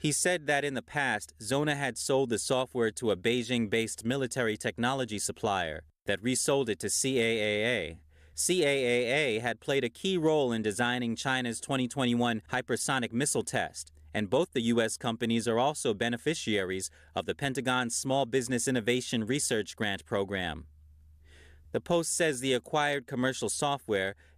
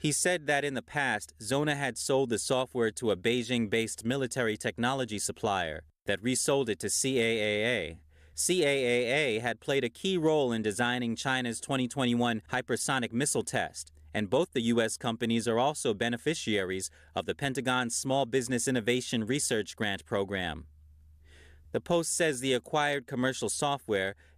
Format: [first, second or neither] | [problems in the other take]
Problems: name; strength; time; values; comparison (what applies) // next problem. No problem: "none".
neither | none